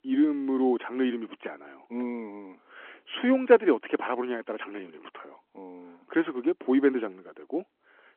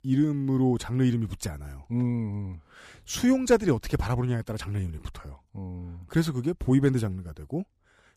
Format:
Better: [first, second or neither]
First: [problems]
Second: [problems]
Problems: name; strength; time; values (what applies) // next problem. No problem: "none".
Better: second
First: phone-call audio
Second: none